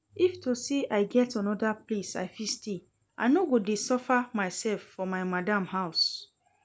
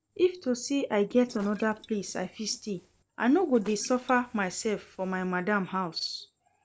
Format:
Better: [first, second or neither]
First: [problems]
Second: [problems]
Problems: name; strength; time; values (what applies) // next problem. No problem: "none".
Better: first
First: none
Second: noise reduction (neural separator model SepFormer DNS4)